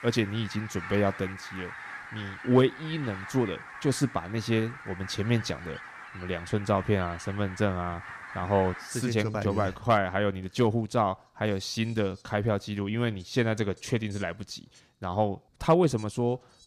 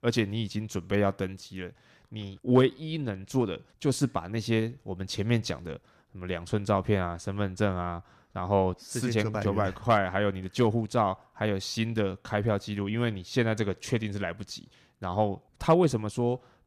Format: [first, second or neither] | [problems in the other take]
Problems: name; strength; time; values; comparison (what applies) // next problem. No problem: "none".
second | animal sounds; noticeable; throughout; 15 dB below the speech